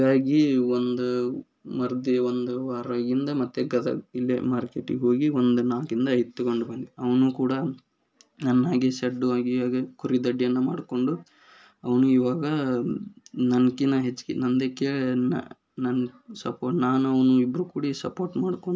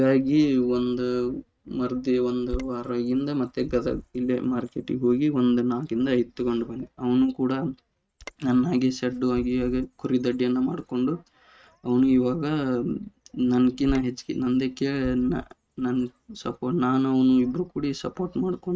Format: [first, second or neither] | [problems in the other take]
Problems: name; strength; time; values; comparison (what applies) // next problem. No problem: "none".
first | noise reduction (neural mask model RNNoise)